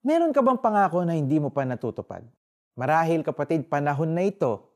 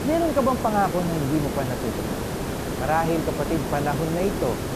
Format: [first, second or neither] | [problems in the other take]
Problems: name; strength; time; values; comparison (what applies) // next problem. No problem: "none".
first | hiss; loud; throughout; 3 dB below the speech